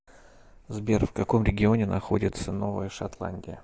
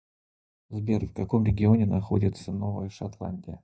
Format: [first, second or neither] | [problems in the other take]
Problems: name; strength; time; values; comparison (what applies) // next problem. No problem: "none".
first | noise reduction (neural mask model DeepFilterNet 3)